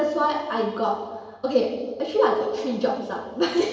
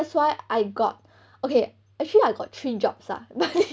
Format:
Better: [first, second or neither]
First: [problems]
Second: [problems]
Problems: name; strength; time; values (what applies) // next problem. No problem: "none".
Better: second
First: room echo; dies away in 1.2 s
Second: none